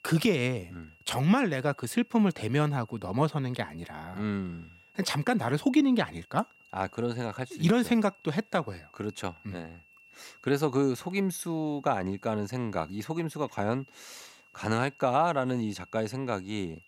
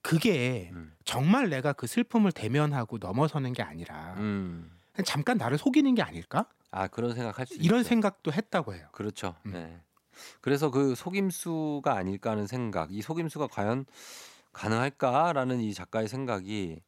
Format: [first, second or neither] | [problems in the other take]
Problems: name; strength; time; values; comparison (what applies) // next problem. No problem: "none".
second | high-pitched whine; faint; throughout; 3 kHz, 25 dB below the speech